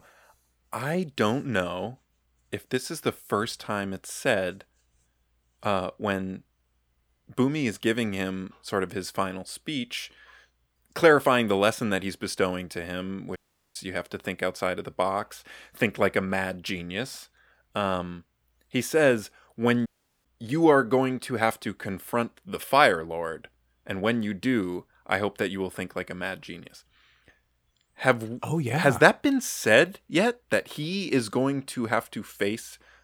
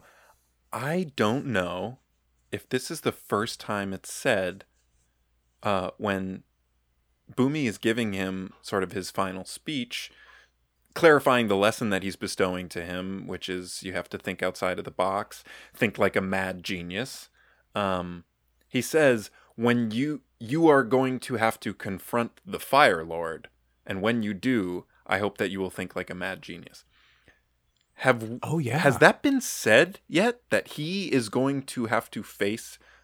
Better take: second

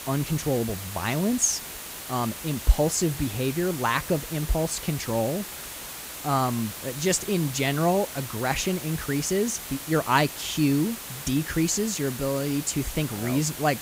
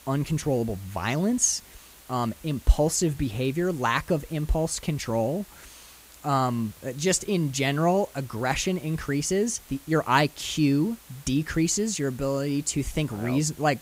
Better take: second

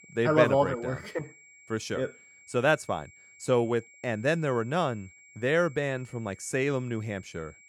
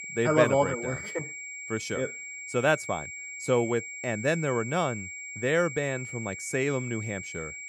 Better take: first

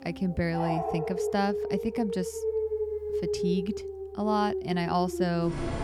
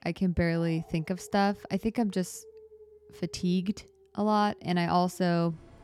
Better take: second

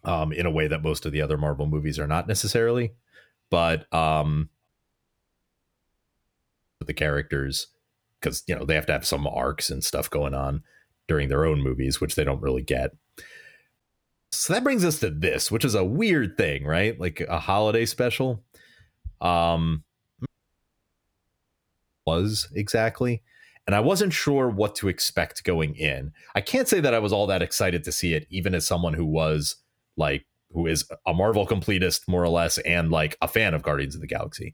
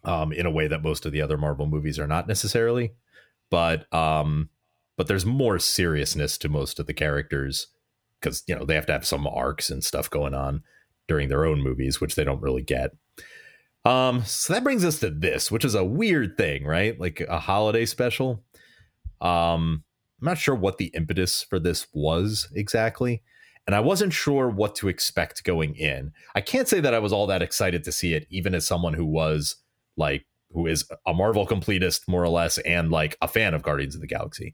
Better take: second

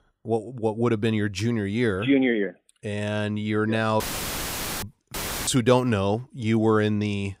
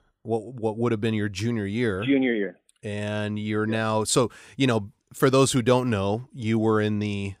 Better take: second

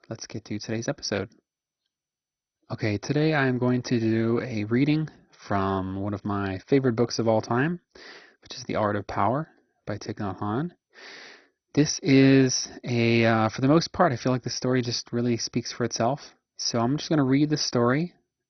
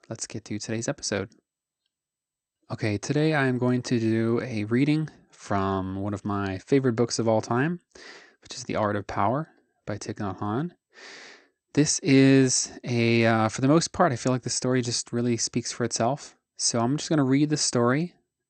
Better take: second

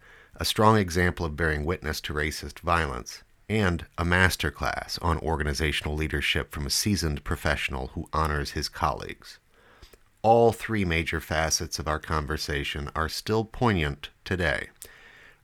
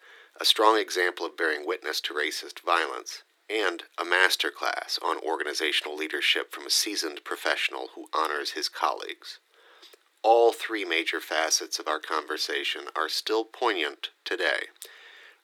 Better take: first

